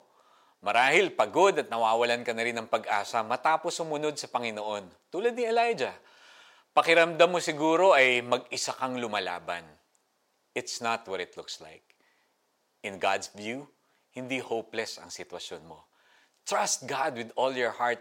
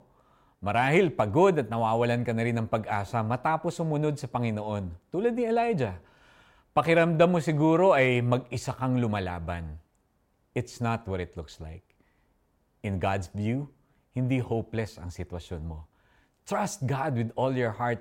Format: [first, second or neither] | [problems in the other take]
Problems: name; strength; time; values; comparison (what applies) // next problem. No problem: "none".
second | thin; somewhat; fading below 450 Hz